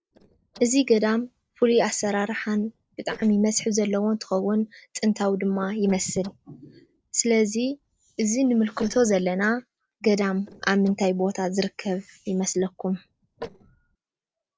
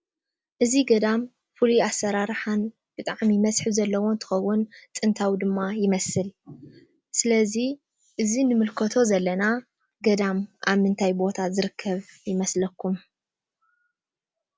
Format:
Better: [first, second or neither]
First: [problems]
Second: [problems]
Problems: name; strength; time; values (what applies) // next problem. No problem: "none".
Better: second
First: noise reduction (neural separator model SepFormer DNS4)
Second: none